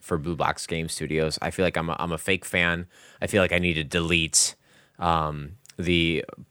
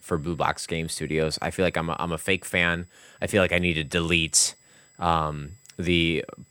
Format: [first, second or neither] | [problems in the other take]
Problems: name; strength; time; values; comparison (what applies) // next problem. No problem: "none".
first | high-pitched whine; faint; throughout; 7.5 kHz, 30 dB below the speech